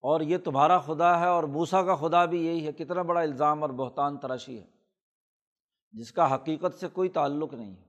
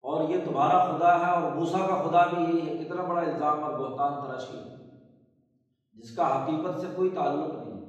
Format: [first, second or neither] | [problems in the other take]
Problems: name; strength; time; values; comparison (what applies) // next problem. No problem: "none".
first | off-mic speech; far // room echo; noticeable; dies away in 1.1 s